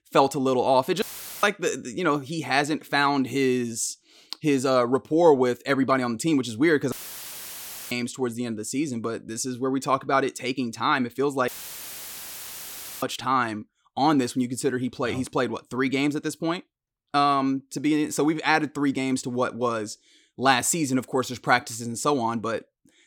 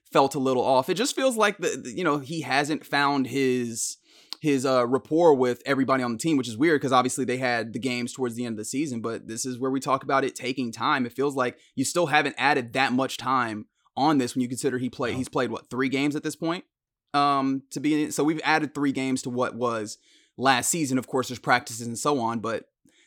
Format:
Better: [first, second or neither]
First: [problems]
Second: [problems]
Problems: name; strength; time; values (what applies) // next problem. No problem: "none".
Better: second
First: audio cutting out; filled with static; at 1 s, at 7 s for 1 s and at 11 s for 1.5 s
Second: none